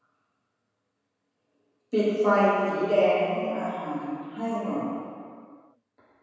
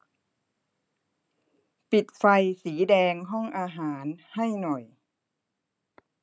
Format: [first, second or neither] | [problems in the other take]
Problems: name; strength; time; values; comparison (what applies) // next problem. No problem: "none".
second | room echo; dies away in 1.9 s